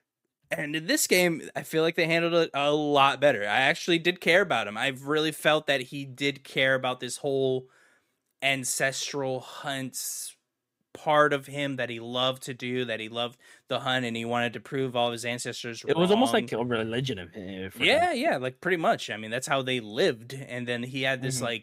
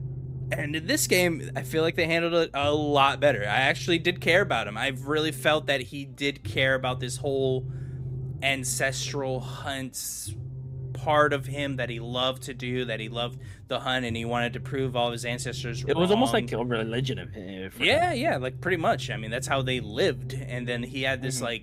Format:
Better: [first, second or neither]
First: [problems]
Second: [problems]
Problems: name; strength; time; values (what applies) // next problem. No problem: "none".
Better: first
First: none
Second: low rumble; faint; throughout; 25 dB below the speech